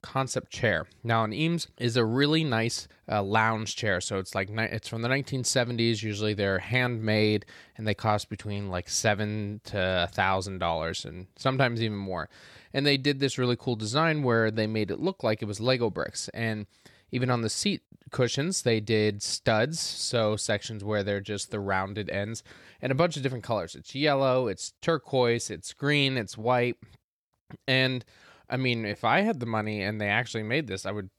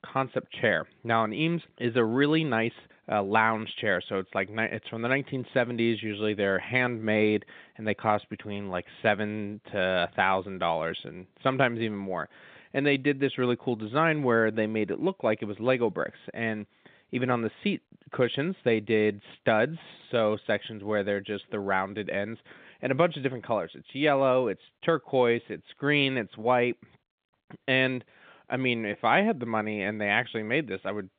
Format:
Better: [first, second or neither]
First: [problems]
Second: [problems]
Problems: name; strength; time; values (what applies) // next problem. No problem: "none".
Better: first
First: none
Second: phone-call audio; nothing above 3.5 kHz